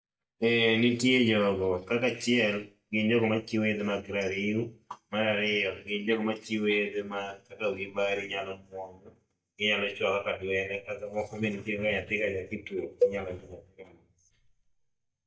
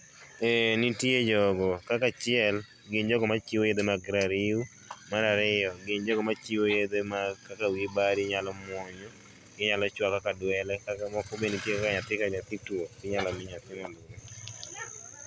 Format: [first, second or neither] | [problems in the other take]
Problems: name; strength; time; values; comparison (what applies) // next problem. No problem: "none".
second | noise reduction (neural mask model DeepFilterNet 3)